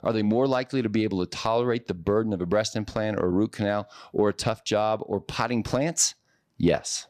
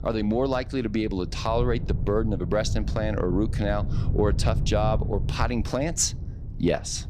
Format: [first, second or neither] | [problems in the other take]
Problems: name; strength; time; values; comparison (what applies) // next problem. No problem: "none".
first | wind noise on the microphone; occasional gusts; 15 dB below the speech